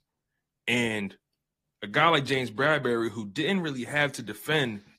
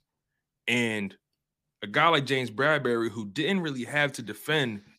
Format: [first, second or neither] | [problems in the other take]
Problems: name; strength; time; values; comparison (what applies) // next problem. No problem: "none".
second | garbled, watery; slightly; nothing above 15 kHz